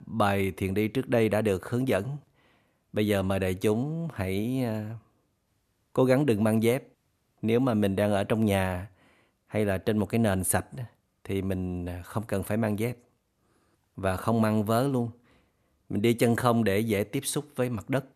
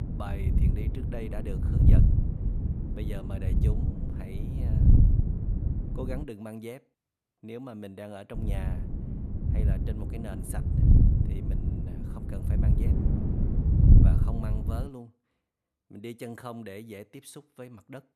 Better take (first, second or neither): first